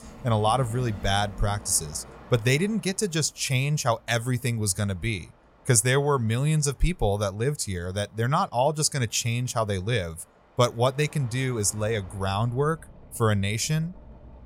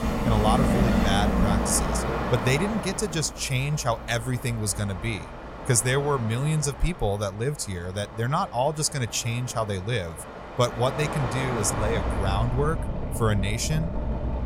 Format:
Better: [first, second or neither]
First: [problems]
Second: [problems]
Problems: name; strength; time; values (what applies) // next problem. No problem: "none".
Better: first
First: train or aircraft noise; faint; throughout; 20 dB below the speech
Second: train or aircraft noise; loud; throughout; 3 dB below the speech